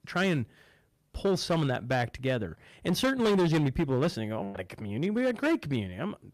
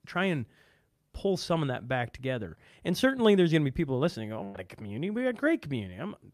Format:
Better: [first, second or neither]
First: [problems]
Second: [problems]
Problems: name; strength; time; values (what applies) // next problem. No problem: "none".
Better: second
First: distortion; heavy; 8% of the sound clipped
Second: none